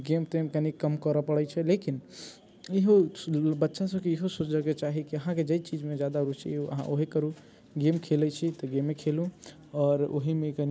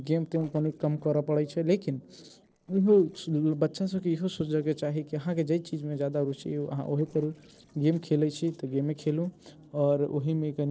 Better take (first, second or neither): first